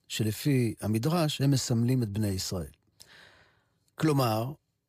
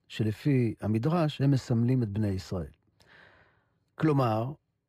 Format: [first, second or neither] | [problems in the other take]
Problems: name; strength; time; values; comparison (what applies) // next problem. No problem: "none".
first | muffled; slightly; fading above 4 kHz